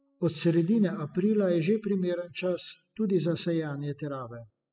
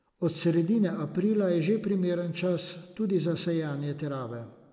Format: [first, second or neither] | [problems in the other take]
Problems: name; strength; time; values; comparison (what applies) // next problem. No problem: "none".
second | noise reduction (classical method spectral subtraction)